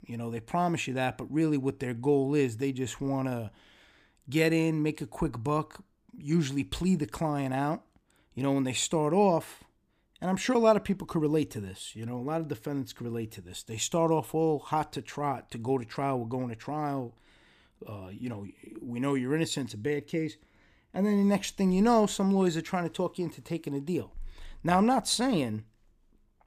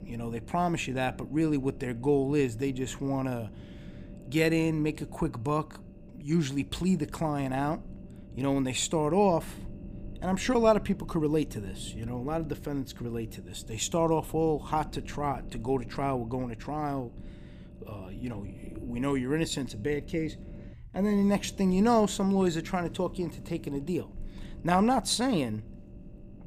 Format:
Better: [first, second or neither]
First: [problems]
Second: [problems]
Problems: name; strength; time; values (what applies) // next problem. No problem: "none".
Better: first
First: none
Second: low rumble; faint; throughout; 20 dB below the speech